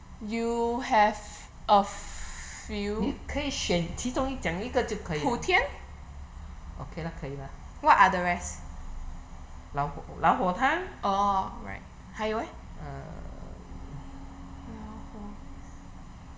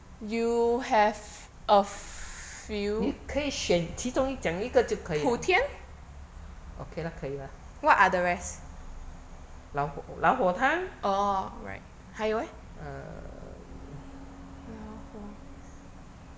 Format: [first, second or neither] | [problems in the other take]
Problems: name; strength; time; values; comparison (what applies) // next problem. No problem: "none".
second | room echo; dies away in 0.5 s